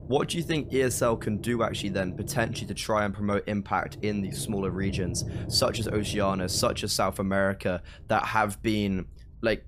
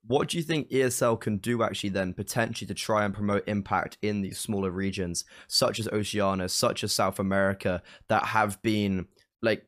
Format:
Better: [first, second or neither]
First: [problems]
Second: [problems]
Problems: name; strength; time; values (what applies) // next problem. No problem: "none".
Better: second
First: low rumble; noticeable; throughout; 15 dB below the speech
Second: none